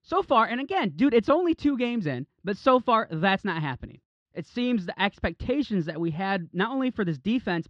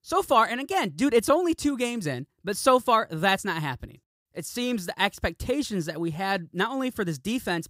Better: second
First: muffled; slightly; fading above 4 kHz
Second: none

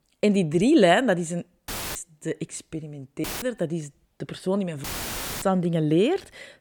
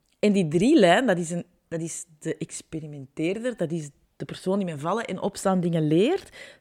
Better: second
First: audio cutting out; filled with static; at 1.5 s, at 3 s and at 5 s for 0.5 s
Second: none

